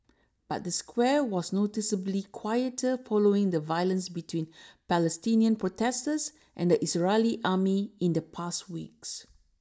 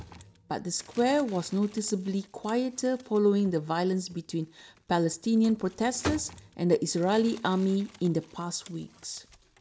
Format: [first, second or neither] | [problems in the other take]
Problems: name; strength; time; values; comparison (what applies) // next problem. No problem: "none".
first | background sound (Crumpling, crinkling); 18 dB below the speech